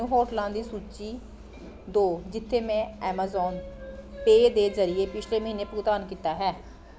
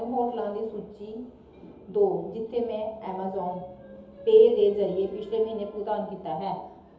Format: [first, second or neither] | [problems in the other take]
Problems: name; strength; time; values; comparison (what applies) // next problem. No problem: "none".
first | room echo; dies away in 0.8 s